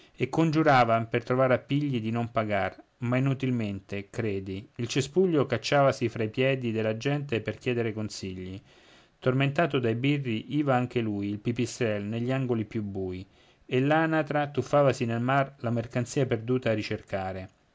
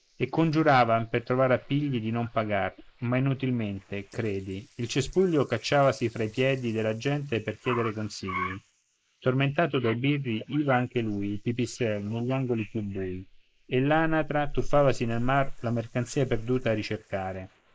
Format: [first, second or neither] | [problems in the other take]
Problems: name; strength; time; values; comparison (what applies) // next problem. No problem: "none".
first | noise reduction (neural mask model Resemble Enhance denoiser)